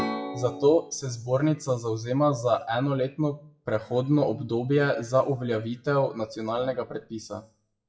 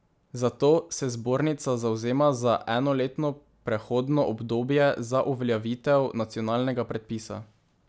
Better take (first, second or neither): second